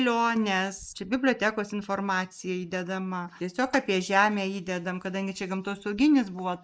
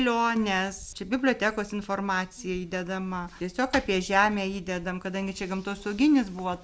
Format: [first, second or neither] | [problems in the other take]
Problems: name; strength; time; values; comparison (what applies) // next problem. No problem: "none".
second | noise reduction (neural mask model Resemble Enhance denoiser)